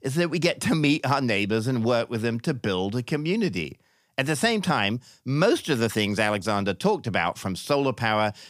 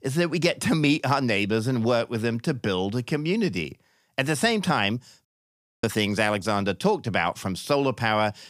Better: first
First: none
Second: audio cutting out; at 5.5 s for 0.5 s

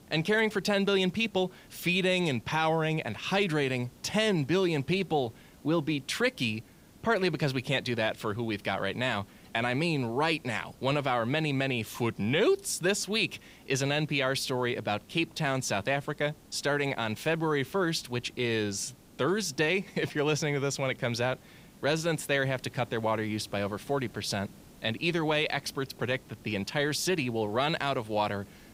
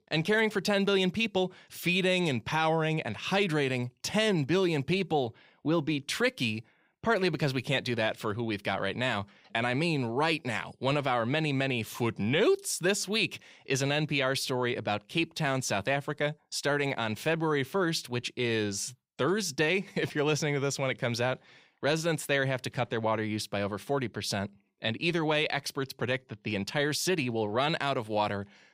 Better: second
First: hiss; faint; throughout; 25 dB below the speech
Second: none

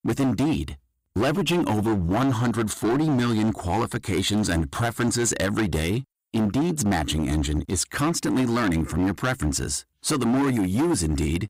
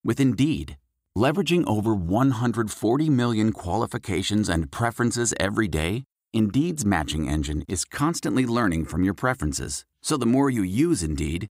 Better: second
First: distortion; heavy; 19% of the sound clipped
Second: none

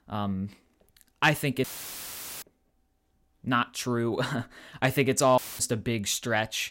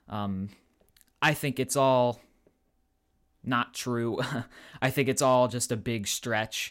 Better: second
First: audio cutting out; filled with static; at 1.5 s for 1 s and at 5.5 s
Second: none

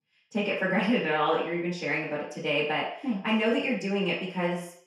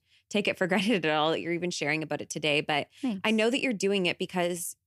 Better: second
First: room echo; noticeable; dies away in 0.6 s // off-mic speech; far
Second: none

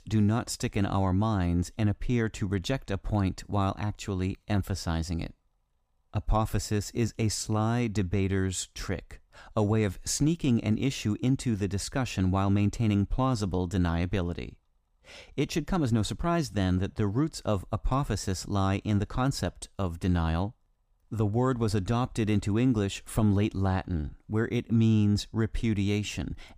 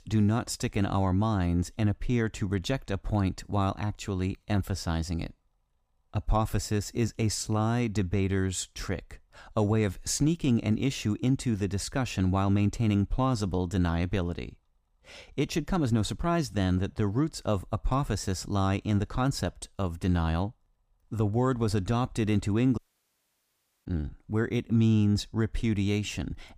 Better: first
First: none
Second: audio cutting out; at 23 s for 1 s

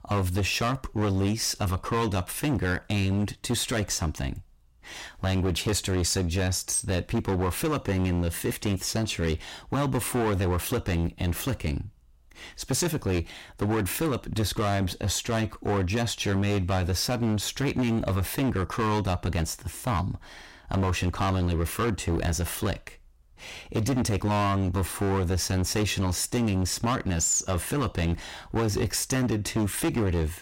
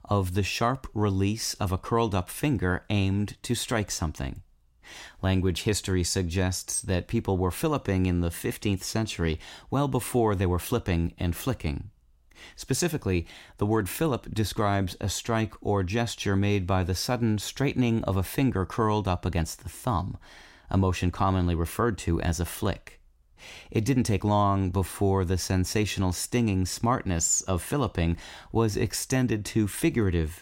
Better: second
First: distortion; heavy; 17% of the sound clipped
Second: none

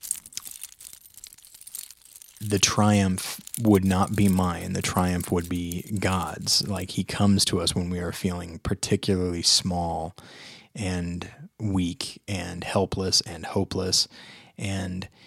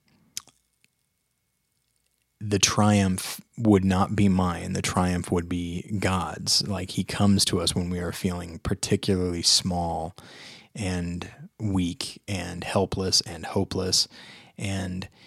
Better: second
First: jangling keys; noticeable; until 7 s; peak 7 dB below the speech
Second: none

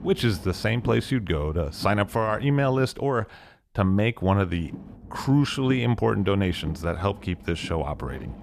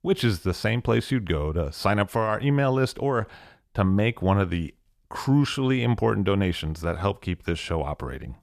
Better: second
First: low rumble; faint; until 3 s and from 4.5 s on; 20 dB below the speech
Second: none

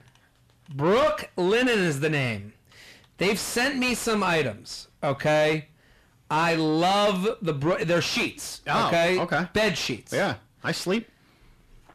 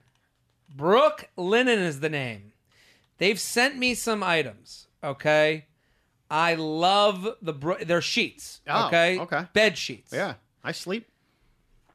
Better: second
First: distortion; heavy; 6 dB below the speech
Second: none

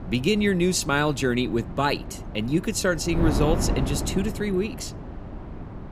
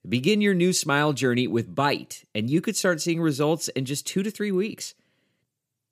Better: second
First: wind noise on the microphone; occasional gusts; 10 dB below the speech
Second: none

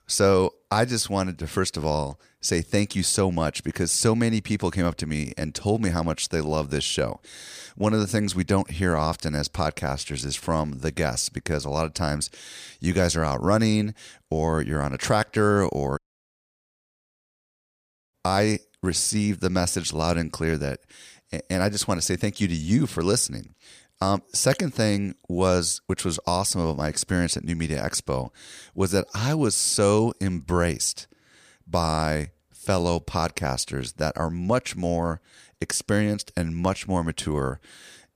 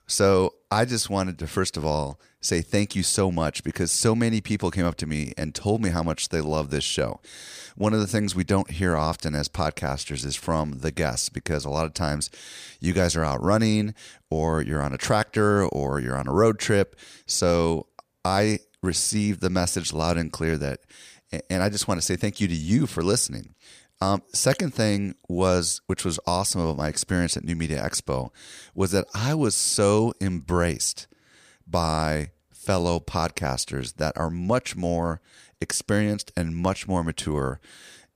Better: second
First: audio cutting out; at 16 s for 2 s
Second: none

